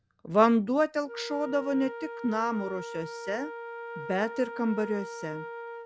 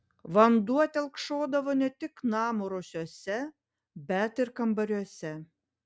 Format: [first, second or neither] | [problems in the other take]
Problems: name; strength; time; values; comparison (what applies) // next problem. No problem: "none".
second | background sound (Wind instrument, woodwind instrument); 11 dB below the speech